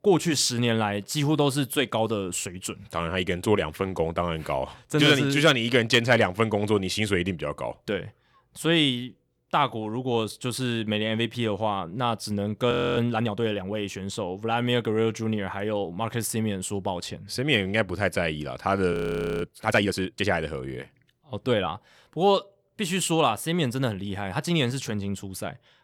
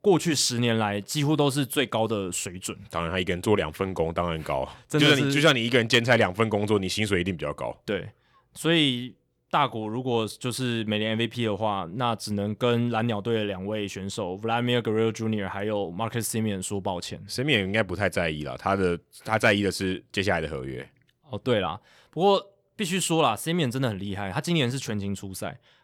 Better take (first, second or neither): second